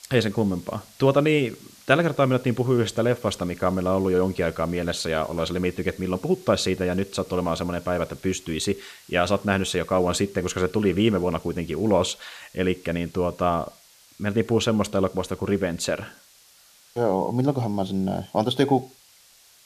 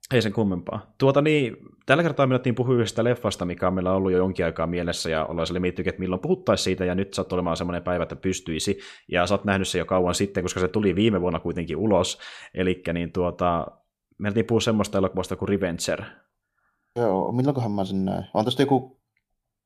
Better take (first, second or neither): second